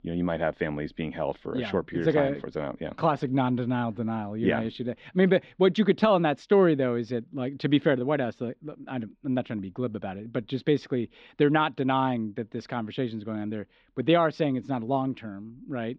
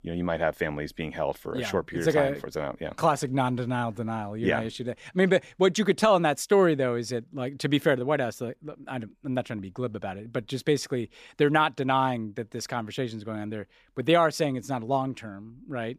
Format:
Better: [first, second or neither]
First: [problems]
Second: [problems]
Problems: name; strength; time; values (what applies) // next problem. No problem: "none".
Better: second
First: muffled; slightly; fading above 4 kHz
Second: none